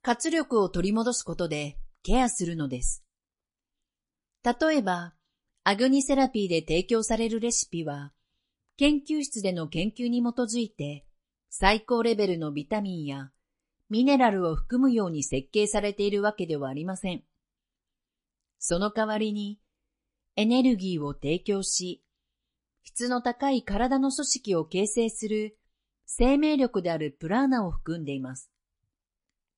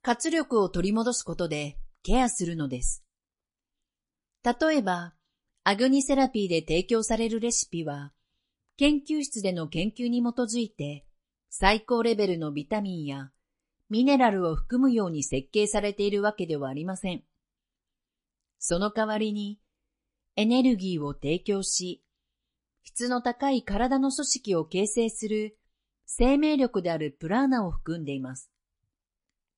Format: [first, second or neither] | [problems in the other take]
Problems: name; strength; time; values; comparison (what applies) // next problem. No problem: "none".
neither | garbled, watery; slightly; nothing above 10.5 kHz; the same in both